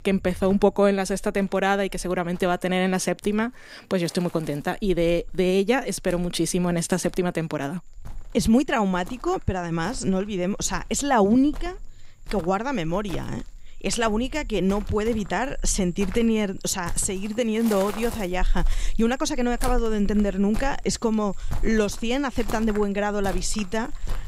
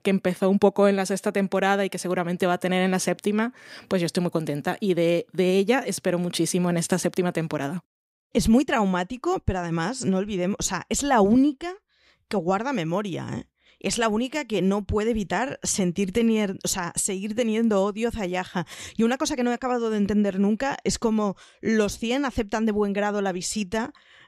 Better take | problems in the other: second | animal sounds; noticeable; throughout; 15 dB below the speech

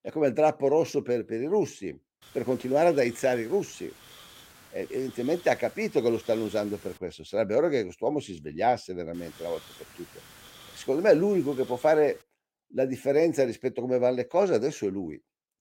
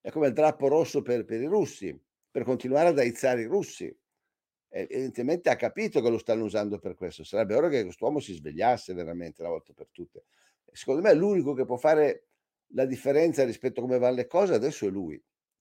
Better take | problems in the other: second | hiss; faint; from 2 to 7 s and from 9 to 12 s; 25 dB below the speech

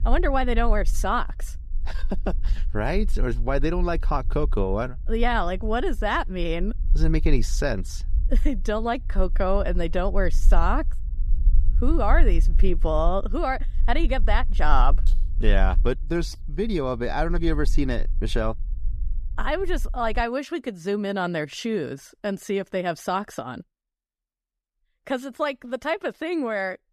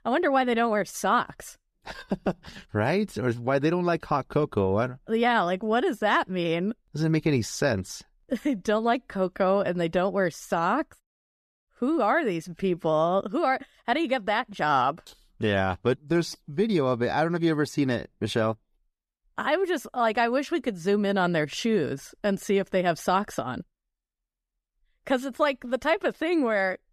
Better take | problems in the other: second | low rumble; faint; until 20 s; 25 dB below the speech

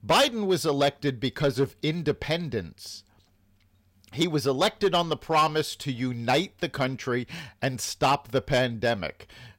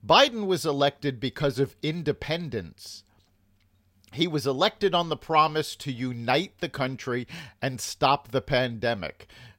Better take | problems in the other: second | distortion; slight; 3% of the sound clipped

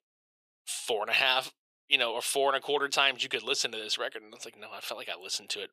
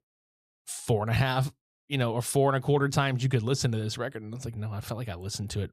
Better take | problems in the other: second | thin; very; fading below 450 Hz

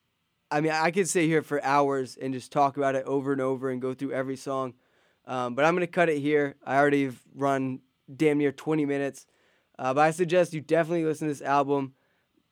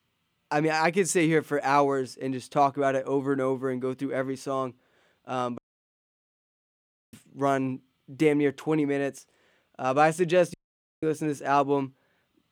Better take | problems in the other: first | audio cutting out; at 5.5 s for 1.5 s and at 11 s

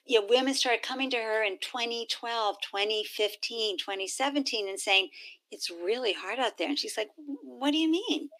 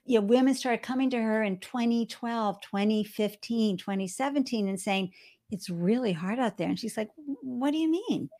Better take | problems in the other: second | thin; somewhat; fading below 300 Hz

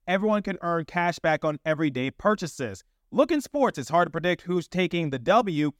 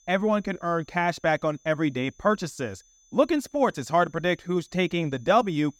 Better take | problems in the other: first | high-pitched whine; faint; throughout; 6 kHz, 30 dB below the speech

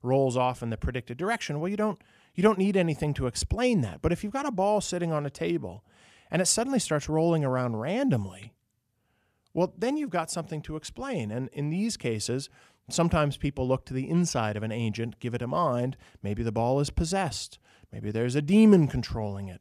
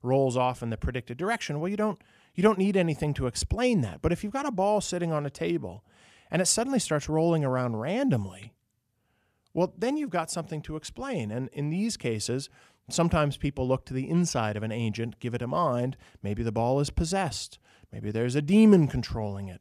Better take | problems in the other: neither | none

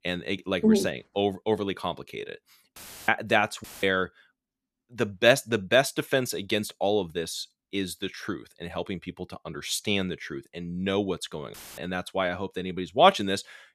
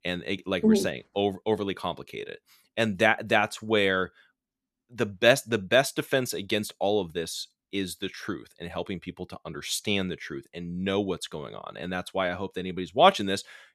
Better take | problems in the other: second | audio cutting out; filled with static; at 3 s, at 3.5 s and at 12 s

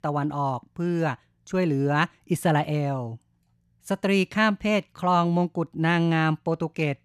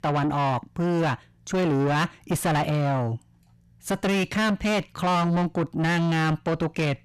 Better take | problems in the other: first | distortion; heavy; 6 dB below the speech

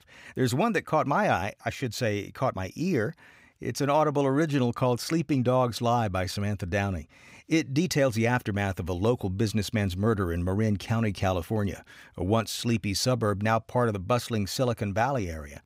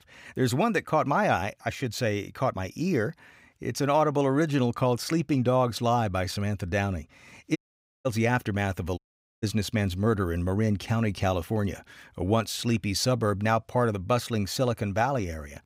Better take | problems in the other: first | audio cutting out; at 7.5 s and at 9 s

